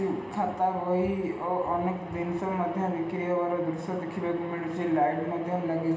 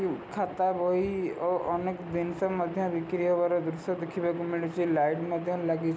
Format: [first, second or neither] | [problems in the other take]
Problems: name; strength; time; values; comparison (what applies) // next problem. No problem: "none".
second | room echo; dies away in 1.1 s